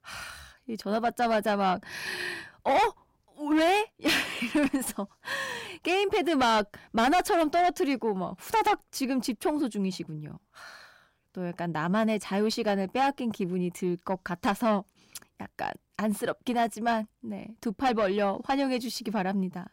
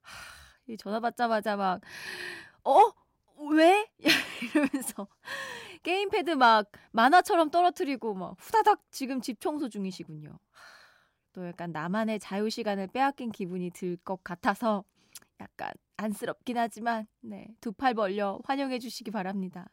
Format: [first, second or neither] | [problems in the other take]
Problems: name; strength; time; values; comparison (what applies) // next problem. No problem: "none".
second | distortion; heavy; 6 dB below the speech